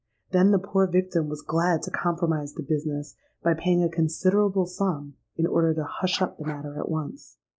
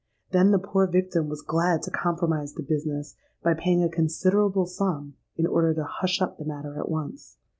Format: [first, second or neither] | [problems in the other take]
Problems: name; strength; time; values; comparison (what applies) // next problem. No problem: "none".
second | noise reduction (neural mask model Resemble Enhance denoiser)